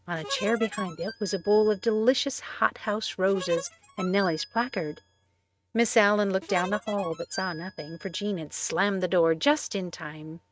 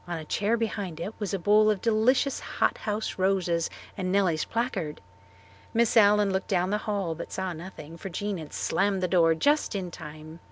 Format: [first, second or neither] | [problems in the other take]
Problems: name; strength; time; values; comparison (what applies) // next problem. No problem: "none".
second | noise reduction (neural mask model RNNoise)